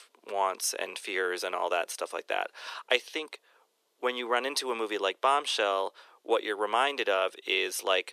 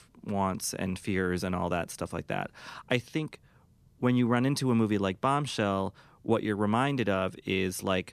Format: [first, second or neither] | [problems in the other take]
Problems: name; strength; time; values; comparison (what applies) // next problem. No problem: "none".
second | thin; very; fading below 400 Hz